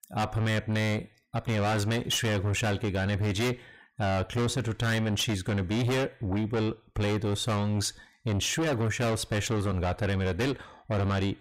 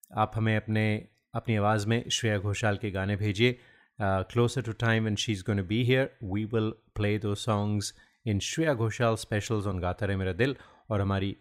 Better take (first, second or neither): second